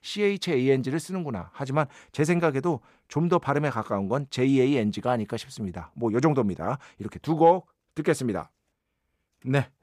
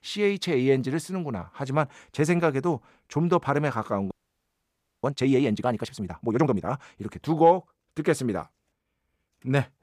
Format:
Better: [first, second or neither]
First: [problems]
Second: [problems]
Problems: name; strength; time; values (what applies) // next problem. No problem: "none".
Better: first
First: none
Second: audio freezing; at 4 s for 1 s